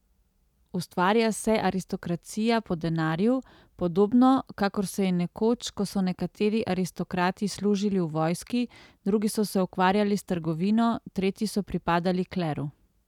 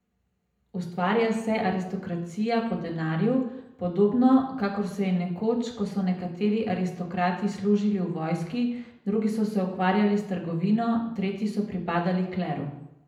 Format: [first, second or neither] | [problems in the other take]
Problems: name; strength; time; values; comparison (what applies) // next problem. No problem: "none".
first | room echo; dies away in 0.7 s